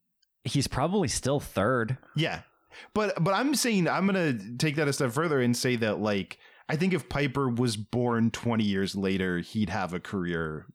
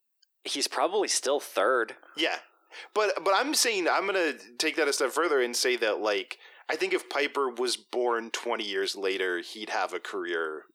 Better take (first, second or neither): first